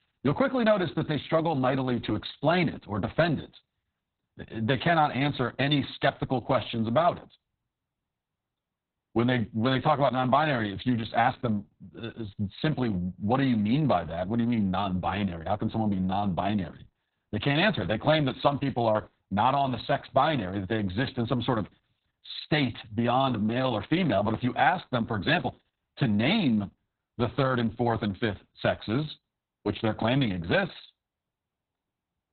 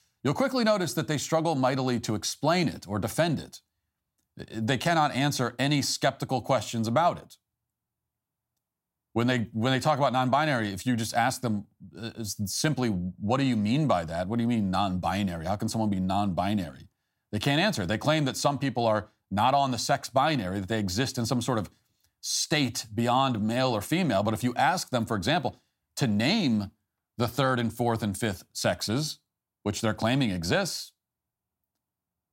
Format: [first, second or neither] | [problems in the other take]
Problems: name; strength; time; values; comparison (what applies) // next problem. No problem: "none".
second | garbled, watery; badly; nothing above 4 kHz